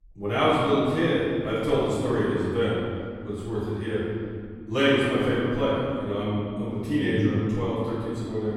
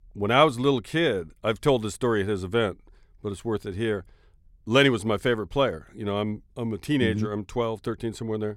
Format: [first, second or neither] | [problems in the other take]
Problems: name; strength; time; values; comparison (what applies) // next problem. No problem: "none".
second | room echo; strong; dies away in 2.3 s // off-mic speech; far